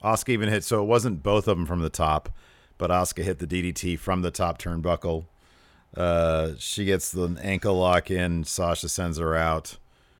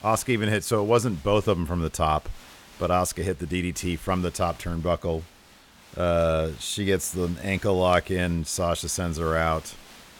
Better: first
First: none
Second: hiss; faint; throughout; 25 dB below the speech

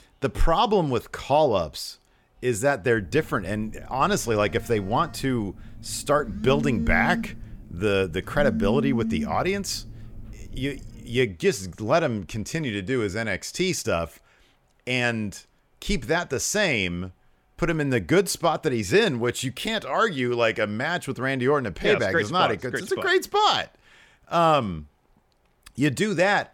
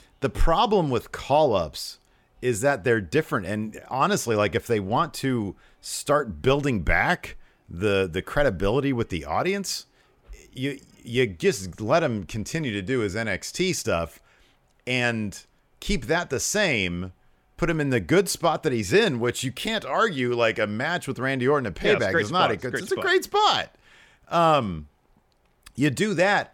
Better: second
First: phone ringing; noticeable; from 3 to 11 s; peak 3 dB below the speech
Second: none

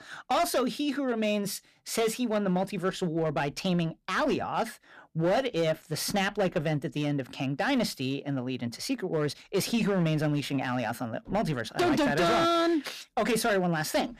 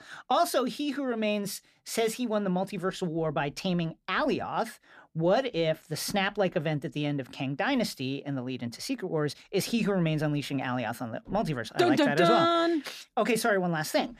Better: second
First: distortion; slight; 8% of the sound clipped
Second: none

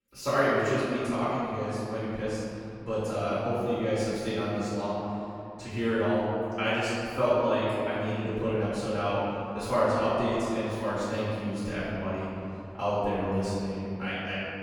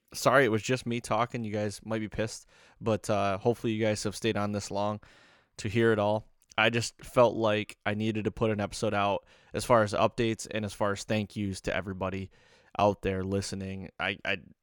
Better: second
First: off-mic speech; far // room echo; strong; dies away in 2.7 s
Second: none

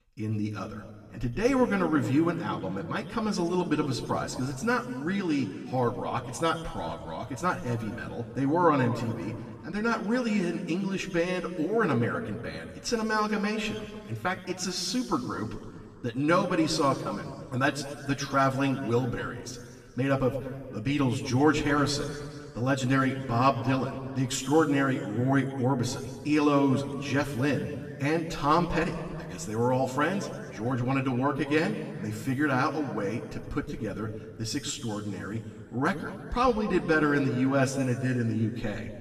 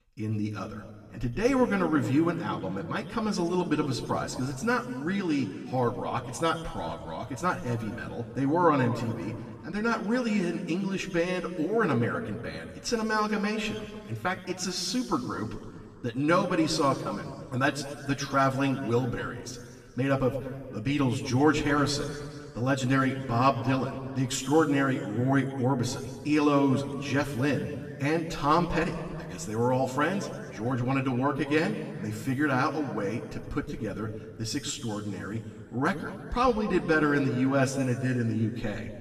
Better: neither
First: room echo; noticeable; dies away in 1.7 s // off-mic speech; somewhat distant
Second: room echo; noticeable; dies away in 1.7 s // off-mic speech; somewhat distant

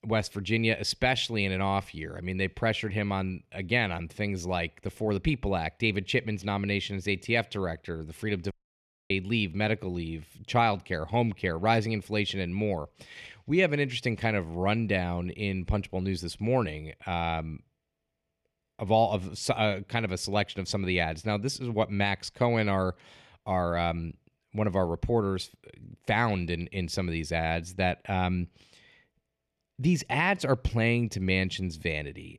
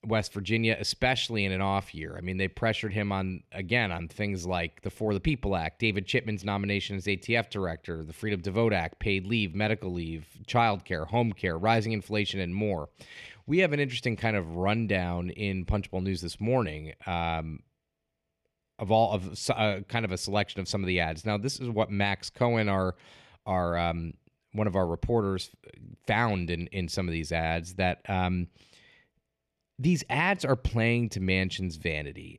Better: second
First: audio cutting out; at 8.5 s for 0.5 s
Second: none

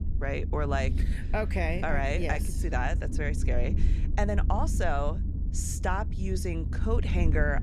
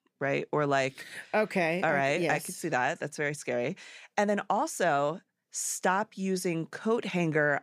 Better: second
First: low rumble; noticeable; throughout; 15 dB below the speech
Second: none

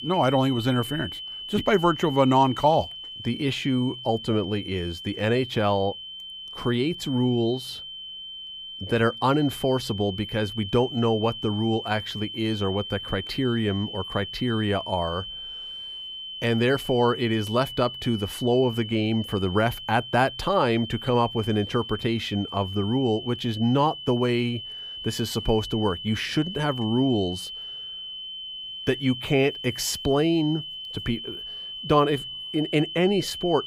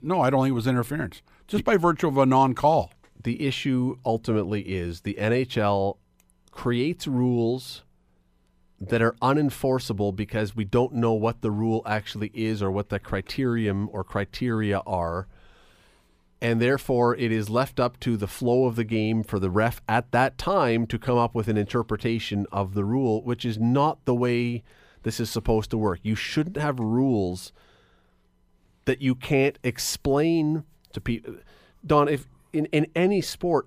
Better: second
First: high-pitched whine; loud; throughout; 3 kHz, 9 dB below the speech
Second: none

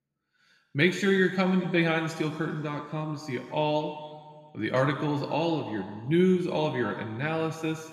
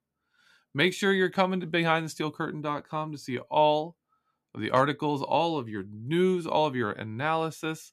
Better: second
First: room echo; slight; dies away in 1.9 s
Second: none

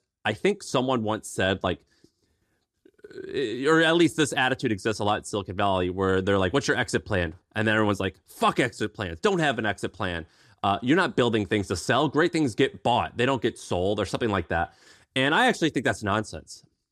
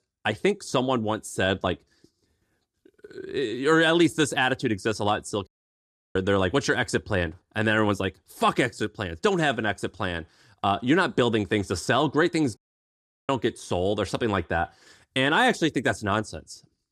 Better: first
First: none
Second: audio cutting out; at 5.5 s for 0.5 s and at 13 s for 0.5 s

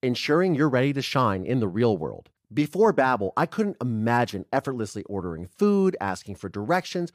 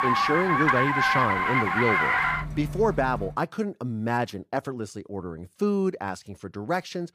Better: first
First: none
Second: traffic noise; very loud; until 3.5 s; 4 dB above the speech

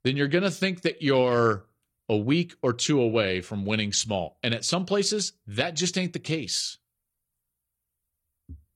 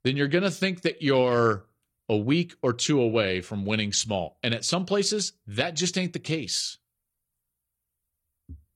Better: neither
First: none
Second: none

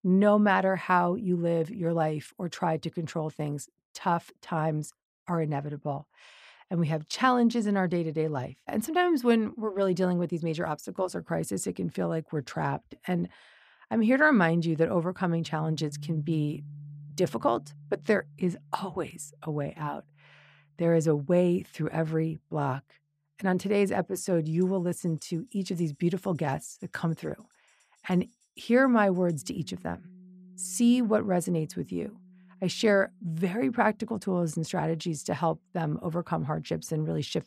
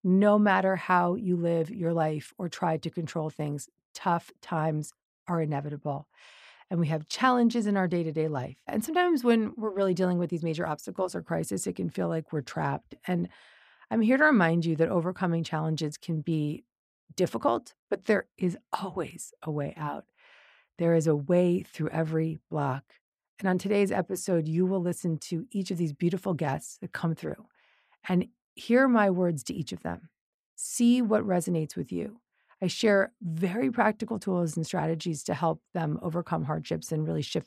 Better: second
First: background music; noticeable; from 16 s on; 20 dB below the speech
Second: none

